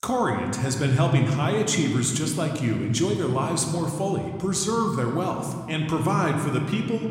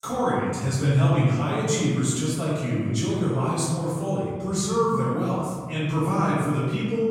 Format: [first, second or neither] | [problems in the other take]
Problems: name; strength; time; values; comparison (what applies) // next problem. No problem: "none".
first | room echo; strong; dies away in 1.6 s; slight in the first // off-mic speech; far